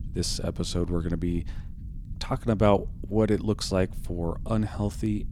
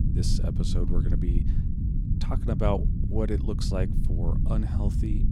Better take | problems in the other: first | low rumble; loud; throughout; 5 dB below the speech; faint in the first

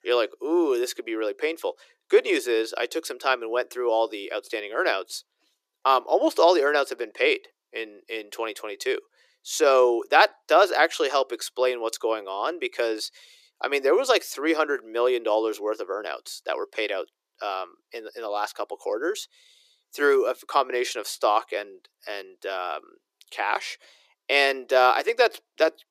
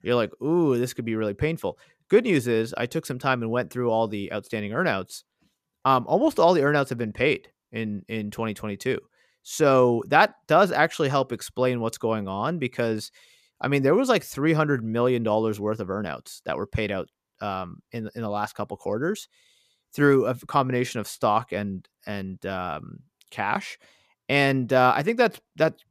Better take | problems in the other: second | thin; very; fading below 350 Hz

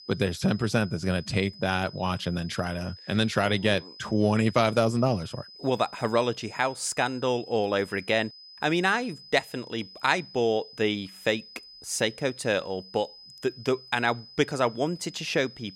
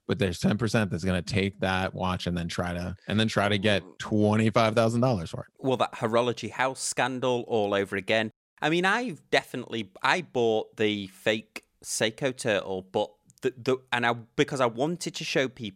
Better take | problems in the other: second | high-pitched whine; noticeable; throughout; 5 kHz, 20 dB below the speech

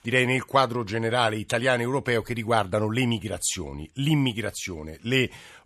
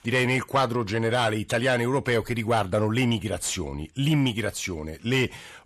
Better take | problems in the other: first | distortion; slight; 10 dB below the speech

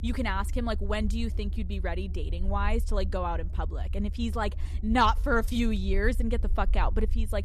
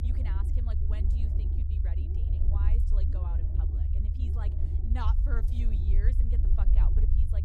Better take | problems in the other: first | low rumble; loud; throughout; as loud as the speech; faint in the first

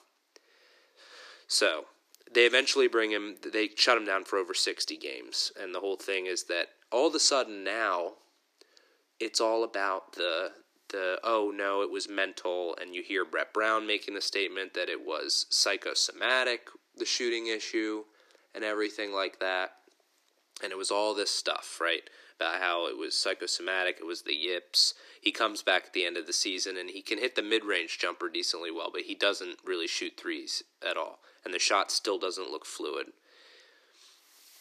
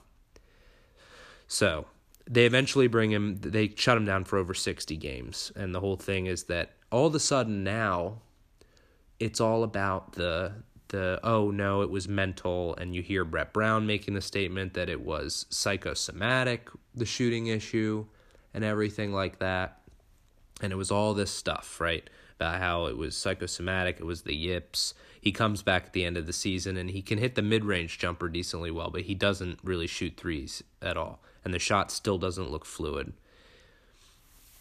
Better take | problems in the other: second | thin; very; fading below 350 Hz

